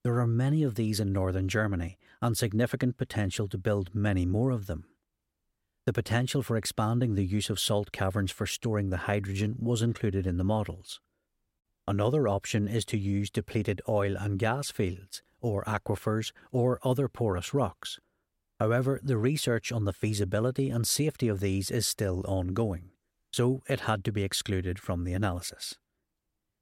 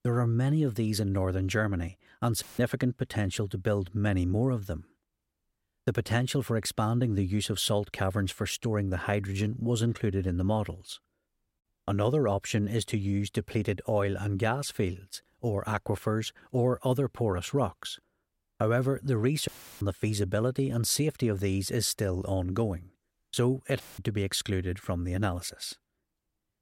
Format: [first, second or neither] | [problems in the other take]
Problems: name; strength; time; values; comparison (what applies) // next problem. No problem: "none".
first | audio cutting out; filled with static; at 2.5 s, at 19 s and at 24 s